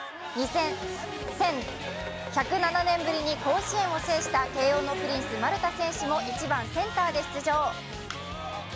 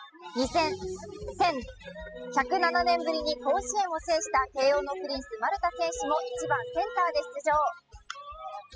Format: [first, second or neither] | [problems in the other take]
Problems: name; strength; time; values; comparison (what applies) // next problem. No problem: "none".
first | noise reduction (classical method spectral subtraction)